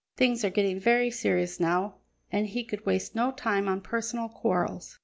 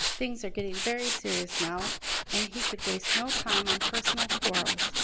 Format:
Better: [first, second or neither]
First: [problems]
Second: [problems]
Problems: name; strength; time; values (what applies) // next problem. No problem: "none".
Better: first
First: none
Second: background sound (Tools); 5 dB above the speech